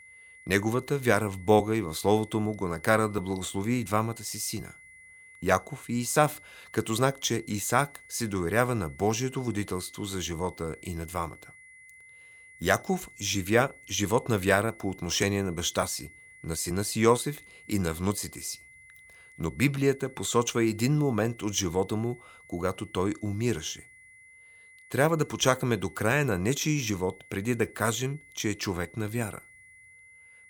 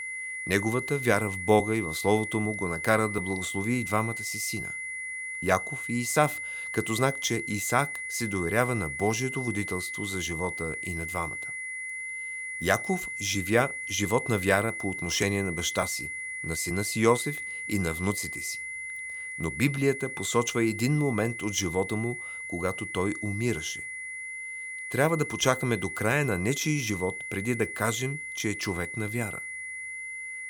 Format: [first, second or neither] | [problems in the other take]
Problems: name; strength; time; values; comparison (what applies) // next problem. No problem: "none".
first | high-pitched whine; loud; throughout; 2 kHz, 5 dB below the speech; faint in the first